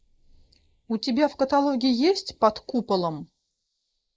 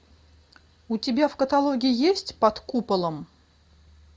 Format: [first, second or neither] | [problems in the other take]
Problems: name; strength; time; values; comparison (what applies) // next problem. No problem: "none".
second | noise reduction (neural mask model Resemble Enhance denoiser)